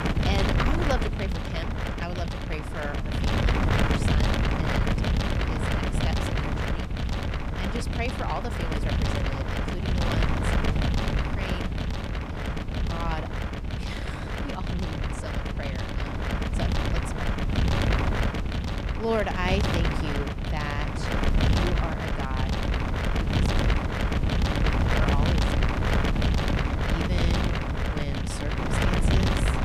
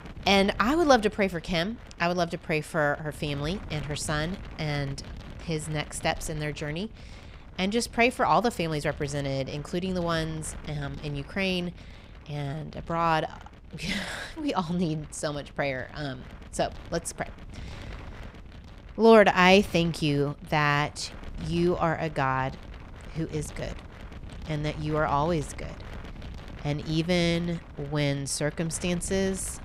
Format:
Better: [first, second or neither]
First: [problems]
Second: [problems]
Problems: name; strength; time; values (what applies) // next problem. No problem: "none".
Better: second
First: wind noise on the microphone; heavy; 5 dB above the speech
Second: wind noise on the microphone; occasional gusts; 20 dB below the speech